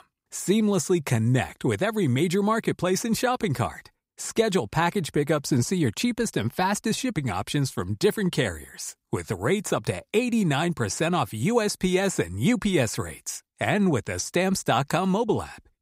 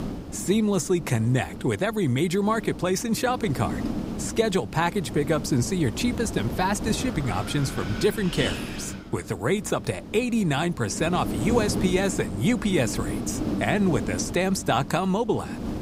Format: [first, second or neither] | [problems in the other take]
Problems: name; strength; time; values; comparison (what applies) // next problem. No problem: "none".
first | wind noise on the microphone; heavy; 10 dB below the speech